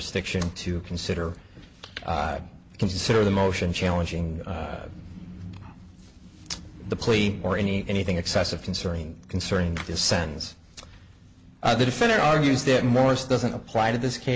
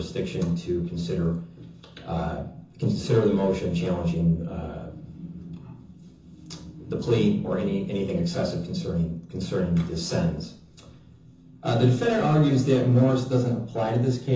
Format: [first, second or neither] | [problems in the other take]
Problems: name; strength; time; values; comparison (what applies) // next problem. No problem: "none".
first | room echo; dies away in 0.6 s